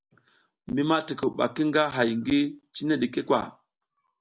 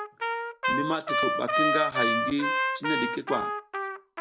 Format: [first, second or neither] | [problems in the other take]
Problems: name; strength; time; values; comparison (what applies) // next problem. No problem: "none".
first | background sound (Trumpet); 4 dB above the speech